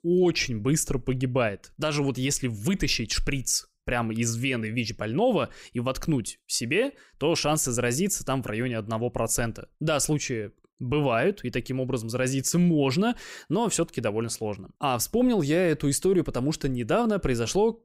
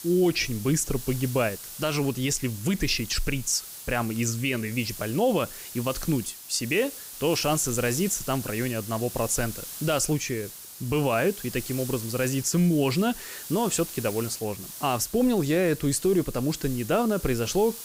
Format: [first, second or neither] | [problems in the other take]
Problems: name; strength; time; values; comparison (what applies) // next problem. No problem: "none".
first | hiss; noticeable; throughout; 10 dB below the speech